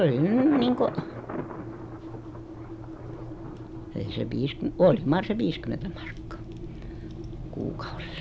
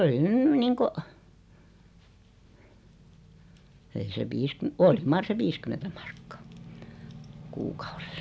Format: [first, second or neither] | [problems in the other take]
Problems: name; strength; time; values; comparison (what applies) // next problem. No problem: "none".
second | background sound (Thunder + Engine); 9 dB below the speech